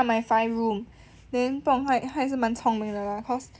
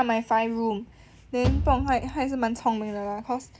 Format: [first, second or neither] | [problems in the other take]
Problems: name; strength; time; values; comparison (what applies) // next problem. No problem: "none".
first | background sound (Bass drum / Thump, thud); 3 dB below the speech